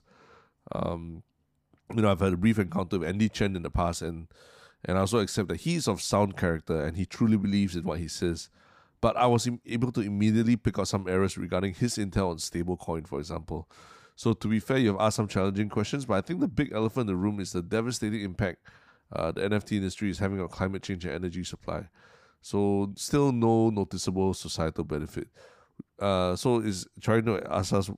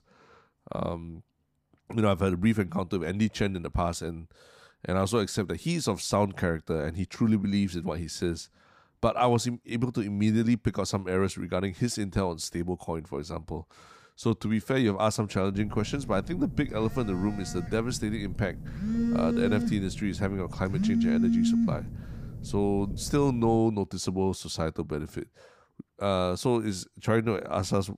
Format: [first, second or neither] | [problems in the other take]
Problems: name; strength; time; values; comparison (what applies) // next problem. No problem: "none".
first | phone ringing; loud; from 16 to 24 s; peak 5 dB above the speech